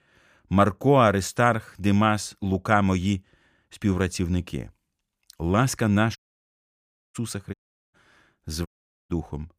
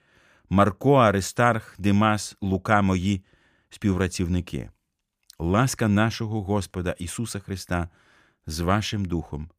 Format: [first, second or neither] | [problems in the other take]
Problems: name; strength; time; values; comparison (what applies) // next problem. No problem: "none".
second | audio cutting out; at 6 s for 1 s, at 7.5 s and at 8.5 s